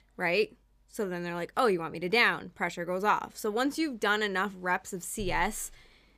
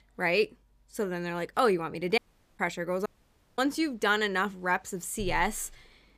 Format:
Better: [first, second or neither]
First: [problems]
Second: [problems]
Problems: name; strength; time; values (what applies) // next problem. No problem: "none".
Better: first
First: none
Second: audio cutting out; at 2 s and at 3 s for 0.5 s